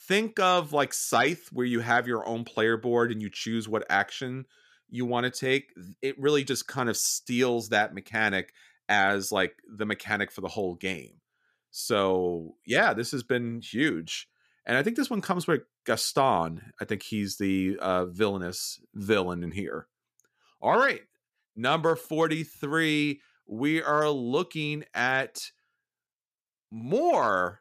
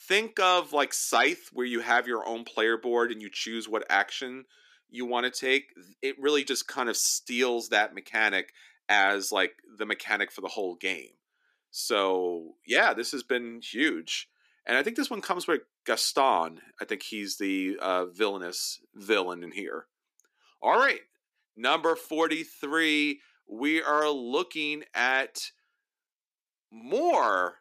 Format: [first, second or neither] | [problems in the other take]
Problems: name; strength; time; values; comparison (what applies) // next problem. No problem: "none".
first | thin; very slightly; fading below 300 Hz